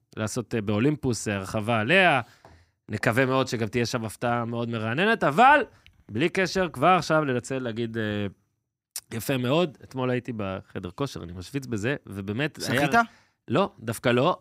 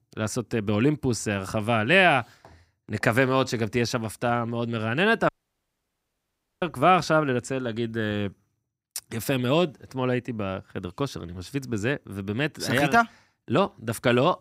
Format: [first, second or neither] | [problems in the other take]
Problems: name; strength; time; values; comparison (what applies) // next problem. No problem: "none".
first | audio cutting out; at 5.5 s for 1.5 s